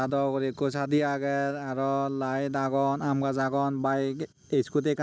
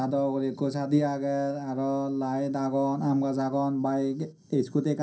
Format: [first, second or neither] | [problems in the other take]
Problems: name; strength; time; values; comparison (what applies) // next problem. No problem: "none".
first | room echo; dies away in 0.3 s